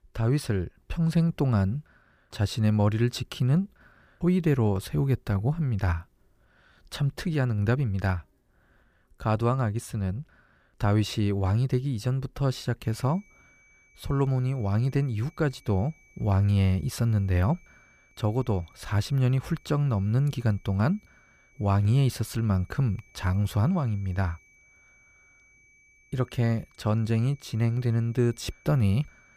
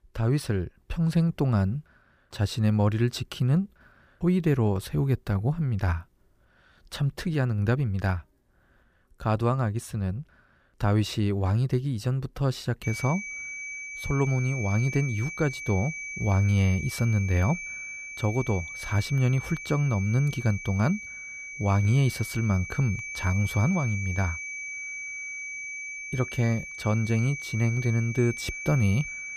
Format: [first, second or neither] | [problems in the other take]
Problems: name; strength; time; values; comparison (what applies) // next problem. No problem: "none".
first | high-pitched whine; loud; from 13 s on; 2.5 kHz, 8 dB below the speech; faint in the first